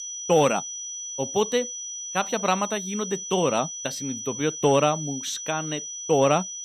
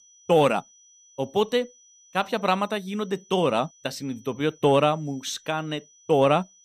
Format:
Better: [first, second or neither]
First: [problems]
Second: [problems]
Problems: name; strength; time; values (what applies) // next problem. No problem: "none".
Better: second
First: high-pitched whine; loud; throughout; 6 kHz, 7 dB below the speech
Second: high-pitched whine; faint; throughout; 6 kHz, 30 dB below the speech